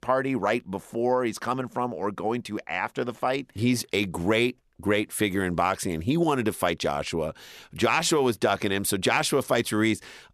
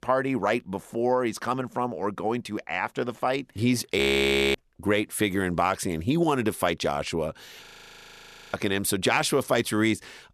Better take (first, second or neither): first